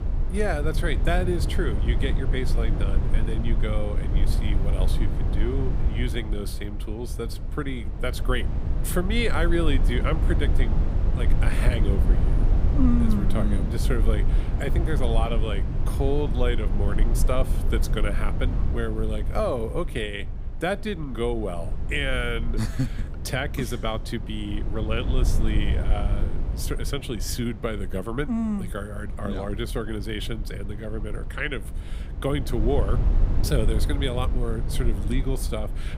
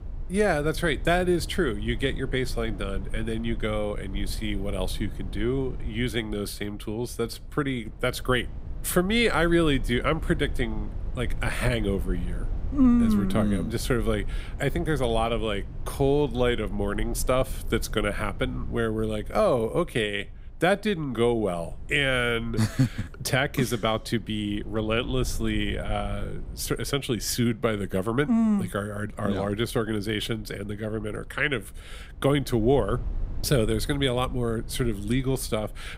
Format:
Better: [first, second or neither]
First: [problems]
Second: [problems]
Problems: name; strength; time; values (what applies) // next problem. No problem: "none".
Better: second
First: low rumble; loud; throughout; 9 dB below the speech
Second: low rumble; faint; throughout; 25 dB below the speech